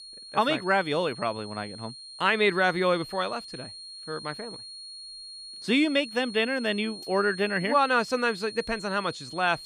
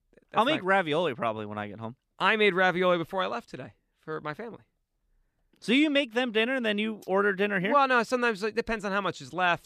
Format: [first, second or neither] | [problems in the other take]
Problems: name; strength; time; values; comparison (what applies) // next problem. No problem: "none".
second | high-pitched whine; noticeable; throughout; 4.5 kHz, 15 dB below the speech